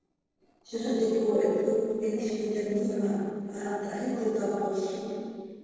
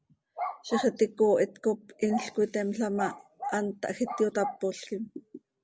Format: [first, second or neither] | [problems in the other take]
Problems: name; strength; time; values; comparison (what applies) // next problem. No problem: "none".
second | noise reduction (neural separator model SepFormer DNS4)